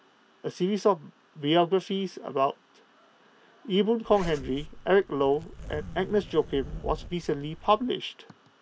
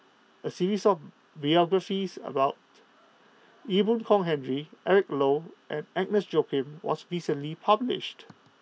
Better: second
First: background sound (Zipper (clothing)); 12 dB below the speech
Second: none

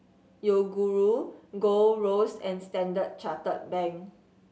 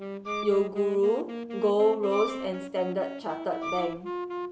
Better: first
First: none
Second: background sound (Wind instrument, woodwind instrument + Wind instrument, woodwind instrument); 7 dB below the speech

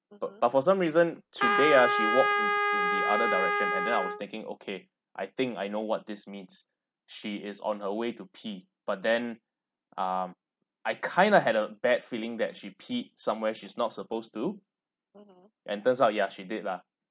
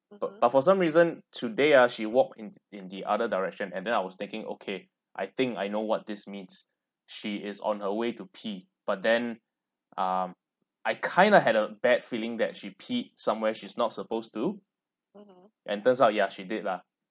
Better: second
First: background sound (Trumpet); 3 dB above the speech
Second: none

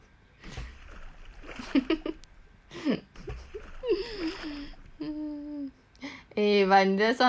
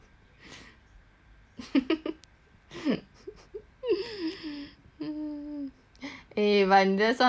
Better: second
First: background sound (Splash, splatter); 15 dB below the speech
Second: none

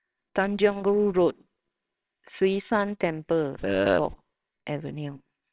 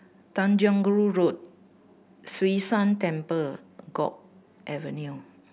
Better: second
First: noise reduction (neural separator model SepFormer WHAMR!)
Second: none

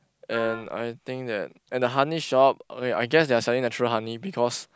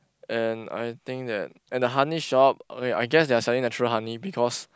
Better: second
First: background sound (Wind instrument, woodwind instrument); 14 dB below the speech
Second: none

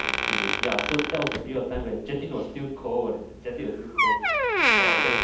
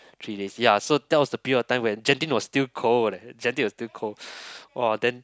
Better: second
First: background sound (Door); 4 dB above the speech // room echo; dies away in 0.8 s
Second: none

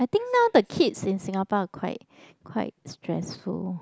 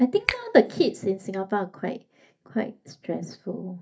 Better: first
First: none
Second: noise reduction (neural mask model DeepFilterNet 3)

